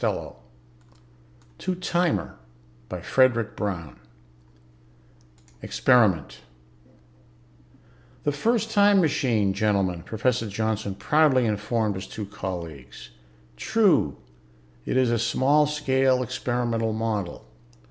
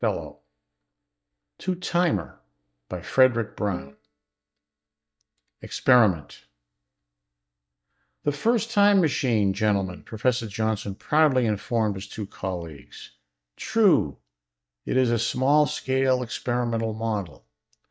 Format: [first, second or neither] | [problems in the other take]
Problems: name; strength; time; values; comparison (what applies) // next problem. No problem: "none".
first | noise reduction (neural mask model DeepFilterNet 3)